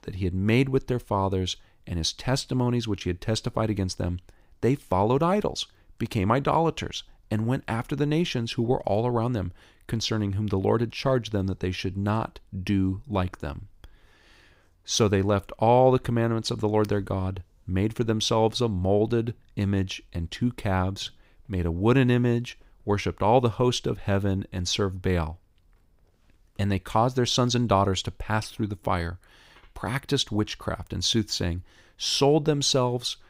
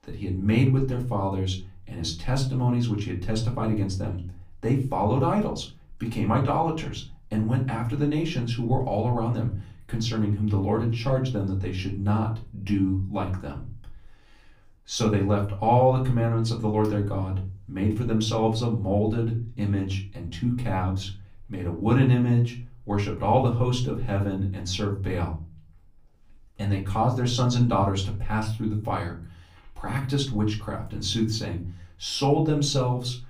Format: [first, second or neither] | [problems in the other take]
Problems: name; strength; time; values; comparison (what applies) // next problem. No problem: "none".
first | off-mic speech; far // room echo; very slight; dies away in 0.5 s